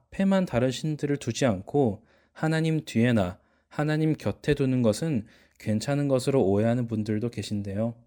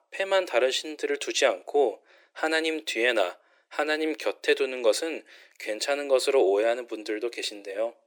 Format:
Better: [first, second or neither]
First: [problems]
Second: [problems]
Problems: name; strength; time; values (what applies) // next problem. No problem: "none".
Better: first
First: none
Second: thin; very; fading below 350 Hz